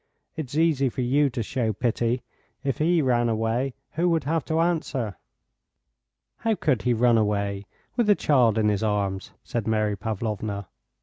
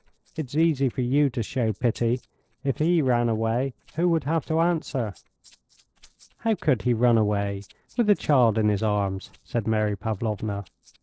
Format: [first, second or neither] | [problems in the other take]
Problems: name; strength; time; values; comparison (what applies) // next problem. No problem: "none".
first | noise reduction (neural separator model SepFormer DNS4)